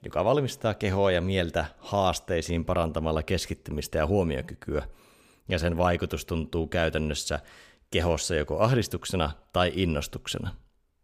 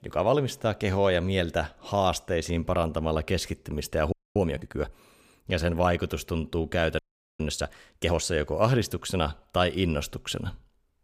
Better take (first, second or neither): first